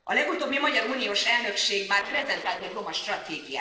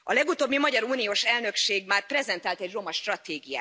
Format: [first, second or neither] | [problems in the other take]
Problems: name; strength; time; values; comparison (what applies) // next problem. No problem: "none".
second | noise reduction (neural separator model SepFormer DNS4)